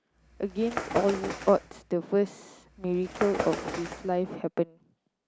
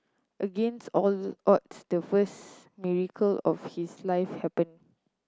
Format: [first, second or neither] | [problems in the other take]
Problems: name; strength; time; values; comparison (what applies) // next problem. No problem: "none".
second | background sound (Bird); 8 dB below the speech